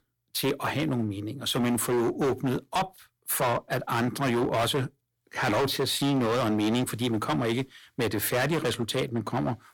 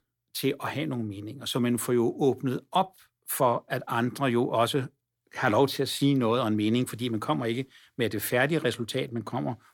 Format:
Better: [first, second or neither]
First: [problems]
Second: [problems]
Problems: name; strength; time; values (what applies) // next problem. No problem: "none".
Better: second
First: distortion; heavy; 16% of the sound clipped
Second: none